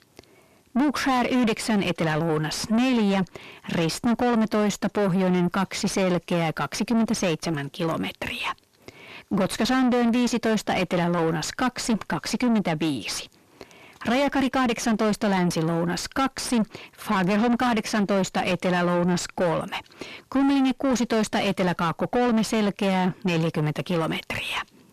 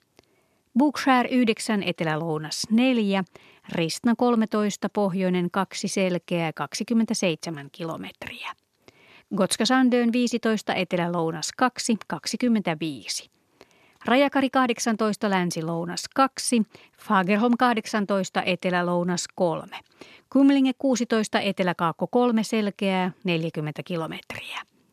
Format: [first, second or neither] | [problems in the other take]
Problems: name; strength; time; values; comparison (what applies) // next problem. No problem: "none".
second | distortion; heavy; 6 dB below the speech